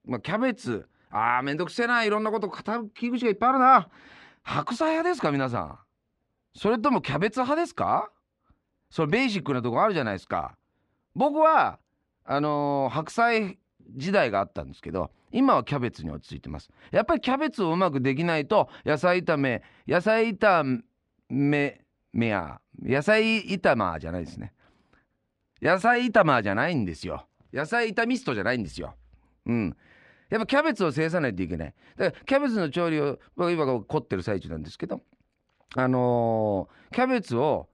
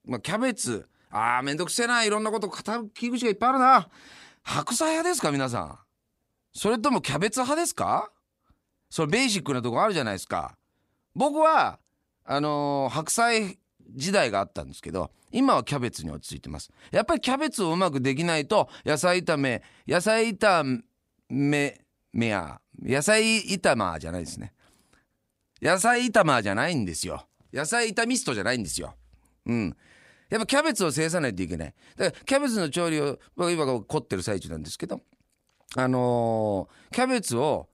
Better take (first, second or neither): second